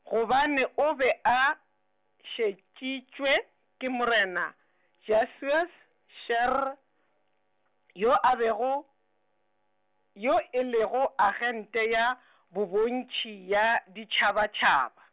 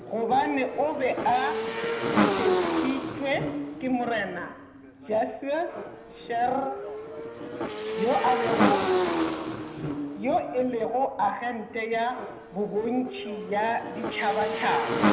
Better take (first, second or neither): first